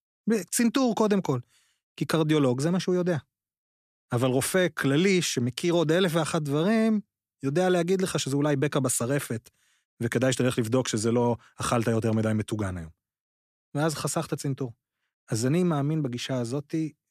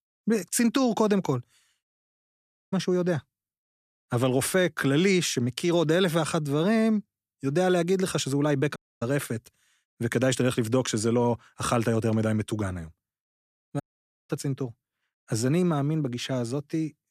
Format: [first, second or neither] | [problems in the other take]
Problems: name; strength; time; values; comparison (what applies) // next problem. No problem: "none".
first | audio cutting out; at 2 s for 1 s, at 9 s and at 14 s